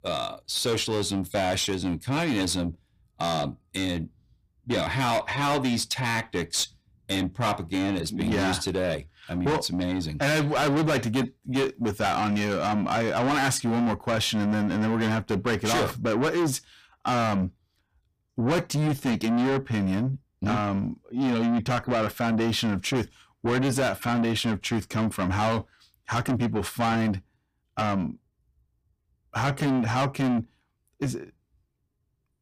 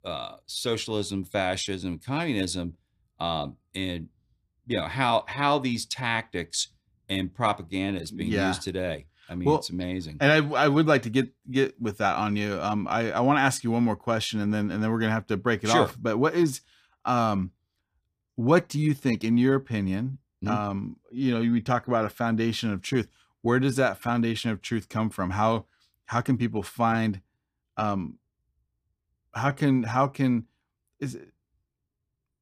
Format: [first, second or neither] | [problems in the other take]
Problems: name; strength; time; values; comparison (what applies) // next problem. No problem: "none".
second | distortion; heavy; 6 dB below the speech